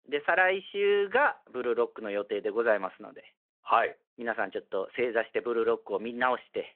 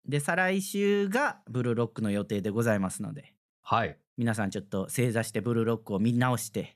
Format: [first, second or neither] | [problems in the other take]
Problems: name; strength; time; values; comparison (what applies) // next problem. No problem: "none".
second | phone-call audio